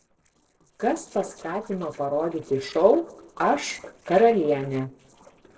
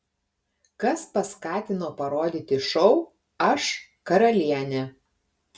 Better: second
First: noise reduction (neural separator model SepFormer DNS4)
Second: none

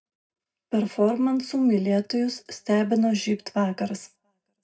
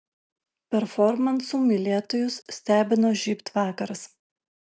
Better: second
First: room echo; dies away in 0.2 s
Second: none

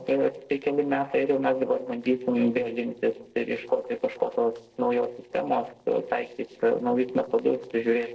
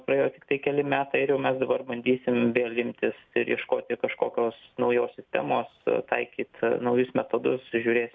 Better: second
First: noise reduction (neural separator model SepFormer DNS4)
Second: none

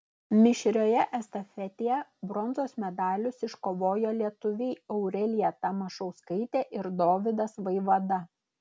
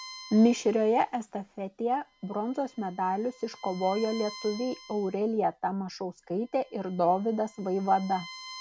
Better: first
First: none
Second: background sound (Bowed string instrument); 20 dB below the speech

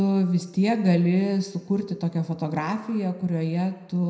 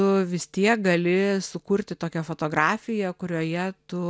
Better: second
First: room echo; dies away in 0.7 s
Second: none

